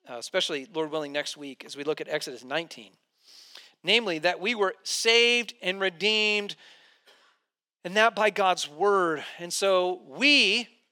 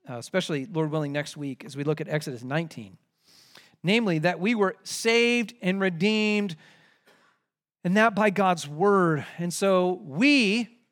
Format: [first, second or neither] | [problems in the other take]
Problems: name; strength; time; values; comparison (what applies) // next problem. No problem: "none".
second | thin; somewhat; fading below 450 Hz